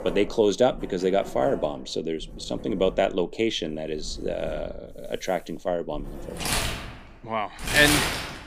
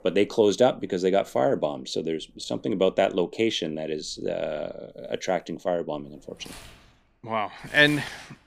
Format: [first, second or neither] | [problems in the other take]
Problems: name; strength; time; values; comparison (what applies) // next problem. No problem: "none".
second | household noises; loud; throughout; 3 dB below the speech; faint in the second